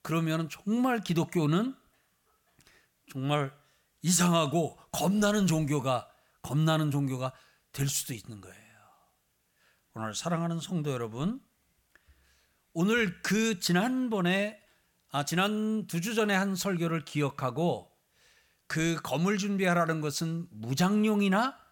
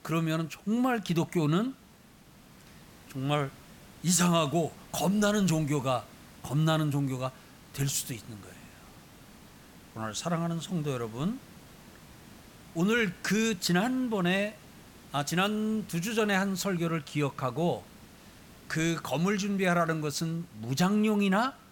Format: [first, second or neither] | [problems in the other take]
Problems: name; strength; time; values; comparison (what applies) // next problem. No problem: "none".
first | hiss; faint; throughout; 25 dB below the speech